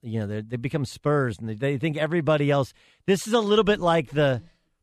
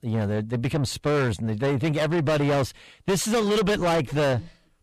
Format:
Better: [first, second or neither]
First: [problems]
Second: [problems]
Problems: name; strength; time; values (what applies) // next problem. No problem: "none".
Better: first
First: none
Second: distortion; heavy; 6 dB below the speech